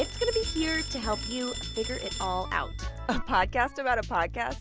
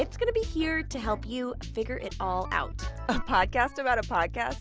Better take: second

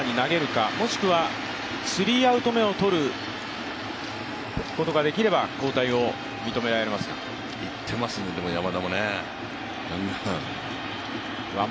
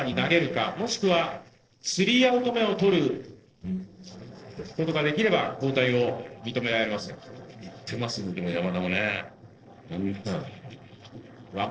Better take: first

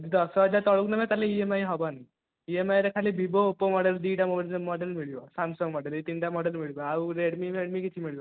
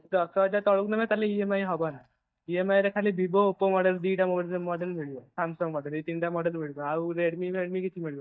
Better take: first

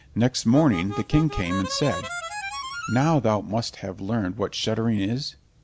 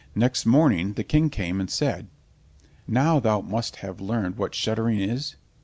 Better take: second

